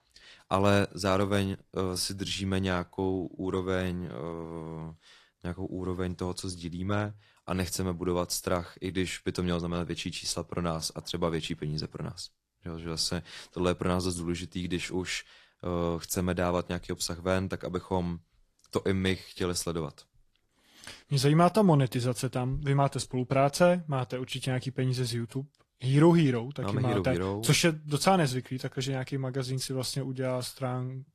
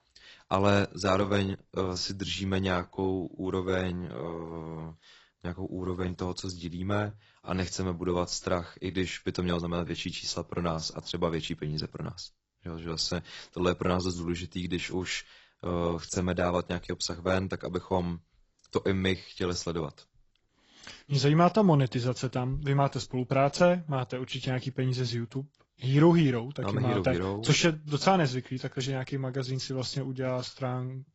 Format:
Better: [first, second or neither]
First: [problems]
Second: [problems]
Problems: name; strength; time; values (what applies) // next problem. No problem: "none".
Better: first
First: garbled, watery; slightly; nothing above 13.5 kHz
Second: garbled, watery; badly; nothing above 8 kHz